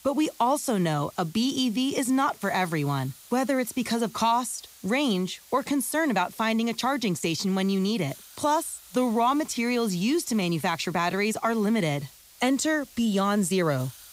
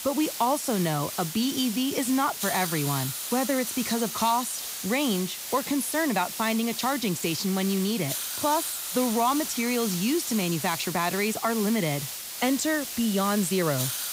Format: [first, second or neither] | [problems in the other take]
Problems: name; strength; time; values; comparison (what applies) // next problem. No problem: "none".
first | hiss; loud; throughout; 5 dB below the speech; faint in the first